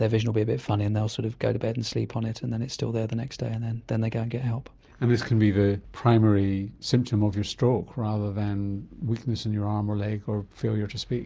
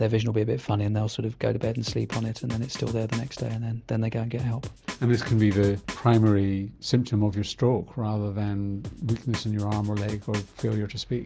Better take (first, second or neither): first